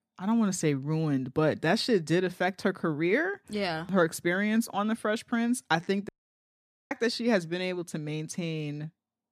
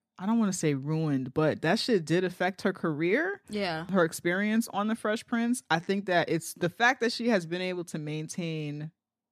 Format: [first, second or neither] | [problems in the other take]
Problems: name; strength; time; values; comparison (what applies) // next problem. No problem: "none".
second | audio cutting out; at 6 s for 1 s